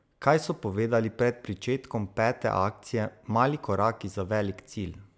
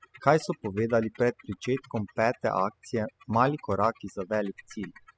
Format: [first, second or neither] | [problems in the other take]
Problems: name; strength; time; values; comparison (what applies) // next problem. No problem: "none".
first | noise reduction (classical method spectral subtraction)